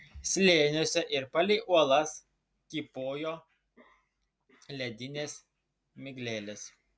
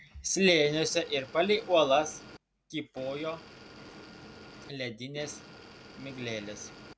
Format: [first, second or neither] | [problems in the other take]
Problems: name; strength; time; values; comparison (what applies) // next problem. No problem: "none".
first | background sound (Motor vehicle (road) / Engine); 17 dB below the speech